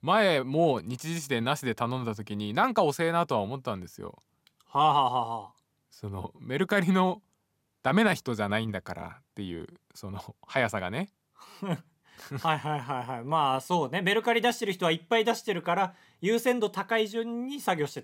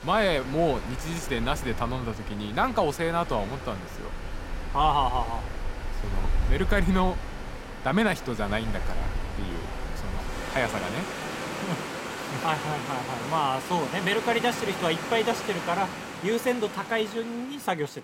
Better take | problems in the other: first | rain or running water; loud; throughout; 7 dB below the speech

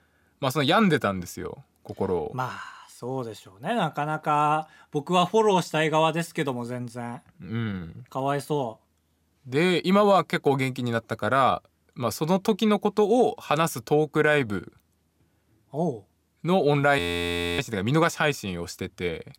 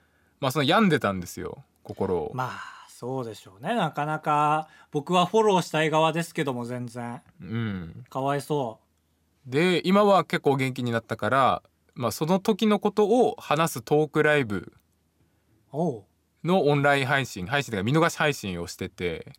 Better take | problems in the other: second | audio freezing; at 17 s for 0.5 s

